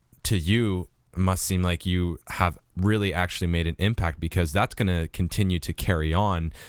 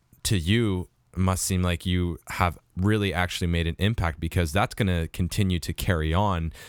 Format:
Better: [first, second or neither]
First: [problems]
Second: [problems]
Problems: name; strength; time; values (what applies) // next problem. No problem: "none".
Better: second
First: garbled, watery; slightly; nothing above 19 kHz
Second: none